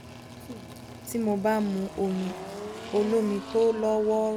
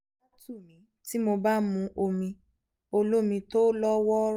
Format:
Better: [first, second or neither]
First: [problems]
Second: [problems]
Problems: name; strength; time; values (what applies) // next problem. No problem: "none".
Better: second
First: background sound (Engine); 13 dB below the speech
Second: none